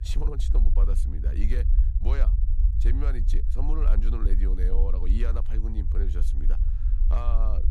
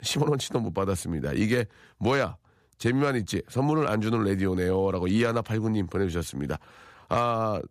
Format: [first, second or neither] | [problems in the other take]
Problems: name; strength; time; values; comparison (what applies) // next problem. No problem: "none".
second | low rumble; loud; throughout; 7 dB below the speech